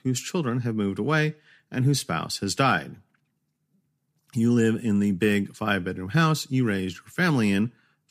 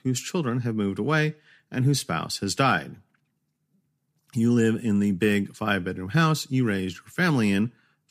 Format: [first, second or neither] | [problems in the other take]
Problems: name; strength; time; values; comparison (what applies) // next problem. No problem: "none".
neither | none